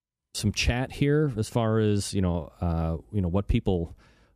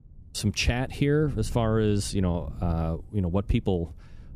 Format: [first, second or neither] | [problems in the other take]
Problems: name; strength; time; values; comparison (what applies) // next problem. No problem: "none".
first | wind noise on the microphone; occasional gusts; 25 dB below the speech